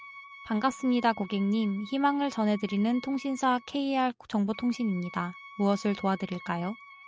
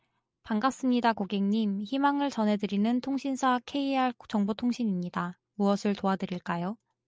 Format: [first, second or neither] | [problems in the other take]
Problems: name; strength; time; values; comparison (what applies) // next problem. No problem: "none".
second | background sound (Wind instrument, woodwind instrument); 20 dB below the speech